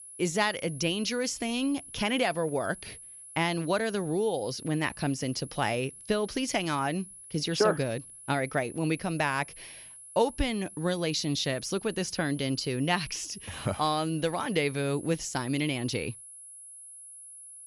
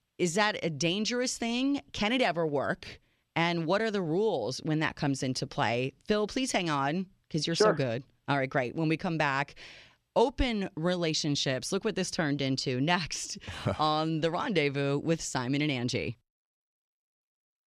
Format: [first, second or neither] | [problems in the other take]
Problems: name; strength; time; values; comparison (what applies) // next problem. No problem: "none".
second | high-pitched whine; noticeable; throughout; 10.5 kHz, 15 dB below the speech